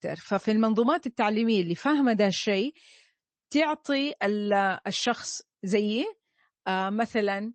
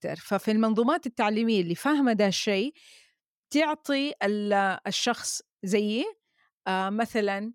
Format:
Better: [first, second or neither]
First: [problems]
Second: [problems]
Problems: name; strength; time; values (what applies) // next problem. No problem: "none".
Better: second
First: garbled, watery; slightly; nothing above 7.5 kHz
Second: none